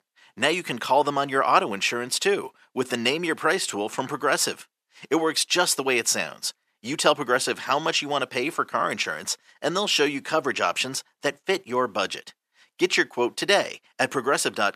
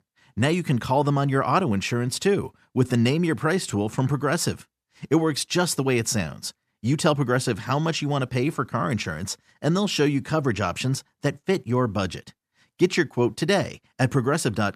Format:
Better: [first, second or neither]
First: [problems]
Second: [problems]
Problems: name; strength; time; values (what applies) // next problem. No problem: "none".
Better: second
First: thin; somewhat; fading below 450 Hz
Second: none